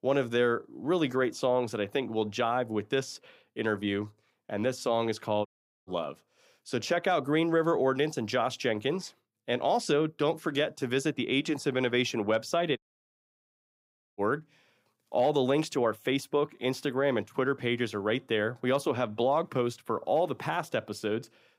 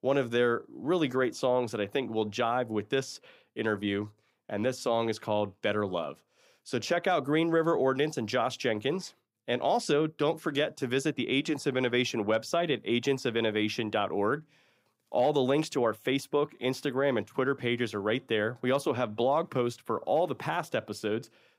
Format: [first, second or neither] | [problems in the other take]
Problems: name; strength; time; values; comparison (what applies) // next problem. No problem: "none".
second | audio cutting out; at 5.5 s and at 13 s for 1.5 s